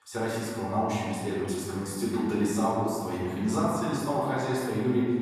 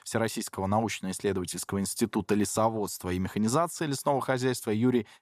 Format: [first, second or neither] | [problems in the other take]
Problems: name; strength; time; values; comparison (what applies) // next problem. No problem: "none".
second | off-mic speech; far // room echo; strong; dies away in 1.9 s